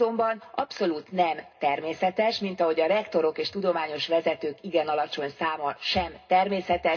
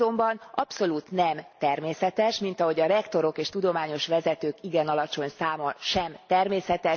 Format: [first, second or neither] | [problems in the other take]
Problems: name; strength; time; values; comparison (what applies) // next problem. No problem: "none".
second | room echo; dies away in 0.2 s